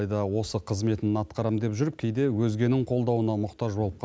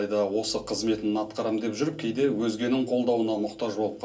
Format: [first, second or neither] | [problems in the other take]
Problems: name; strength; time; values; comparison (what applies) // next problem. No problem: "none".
first | room echo; dies away in 0.2 s